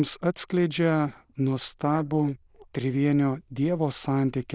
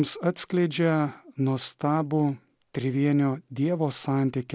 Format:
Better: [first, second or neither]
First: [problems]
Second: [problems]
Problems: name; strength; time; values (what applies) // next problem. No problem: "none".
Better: second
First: noise reduction (neural diffusion model UNIVERSE++)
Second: none